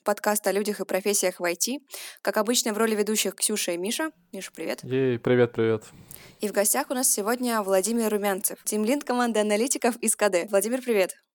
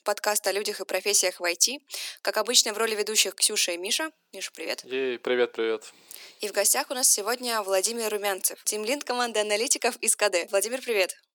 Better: first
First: none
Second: thin; somewhat; fading below 350 Hz

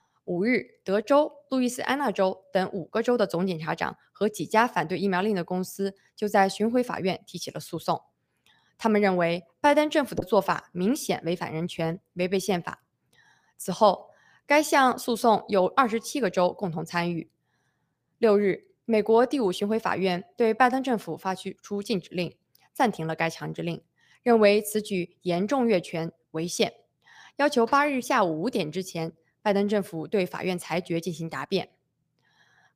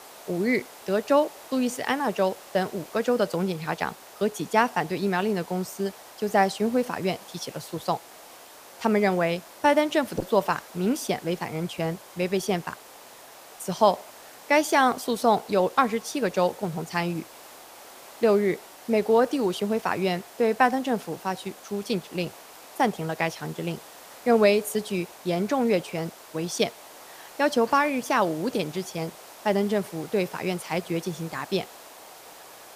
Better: first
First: none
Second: hiss; noticeable; throughout; 20 dB below the speech

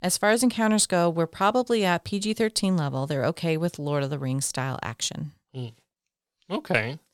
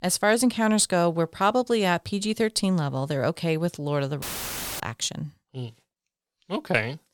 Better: first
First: none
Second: audio cutting out; filled with static; at 4 s for 0.5 s

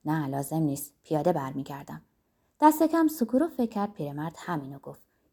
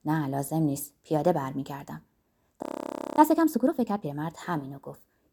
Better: first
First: none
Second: audio freezing; at 2.5 s for 0.5 s

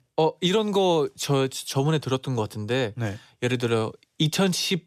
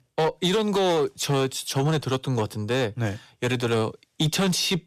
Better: first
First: none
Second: distortion; slight; 11% of the sound clipped

